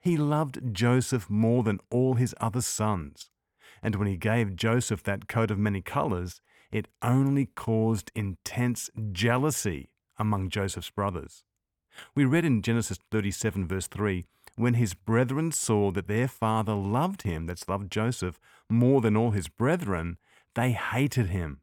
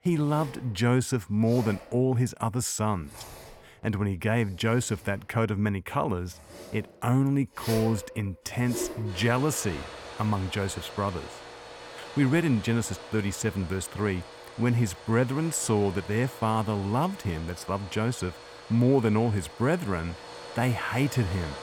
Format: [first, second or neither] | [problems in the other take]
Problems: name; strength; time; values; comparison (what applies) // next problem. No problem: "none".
first | household noises; noticeable; throughout; 15 dB below the speech